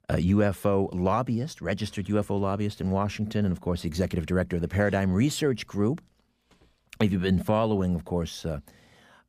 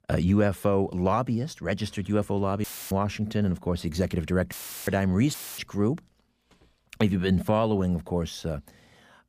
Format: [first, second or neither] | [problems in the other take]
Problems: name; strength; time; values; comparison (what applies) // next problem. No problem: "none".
first | audio cutting out; filled with static; at 2.5 s, at 4.5 s and at 5.5 s